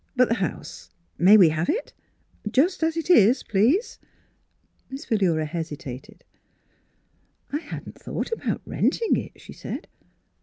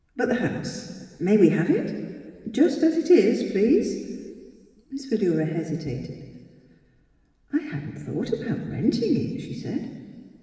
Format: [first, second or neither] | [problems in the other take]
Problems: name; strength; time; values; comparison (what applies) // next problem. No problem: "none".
first | room echo; dies away in 2.1 s